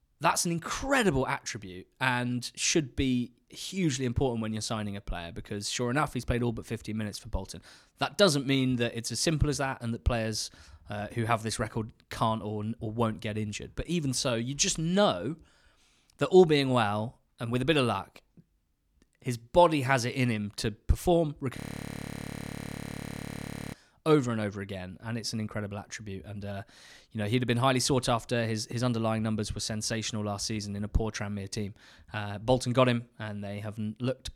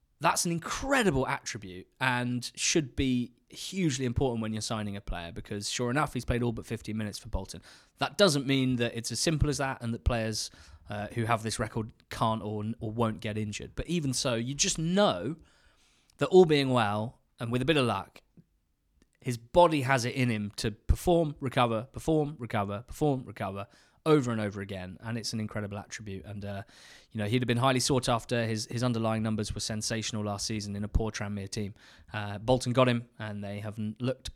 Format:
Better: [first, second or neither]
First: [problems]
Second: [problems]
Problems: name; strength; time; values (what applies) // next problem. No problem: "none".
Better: second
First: audio freezing; at 22 s for 2 s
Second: none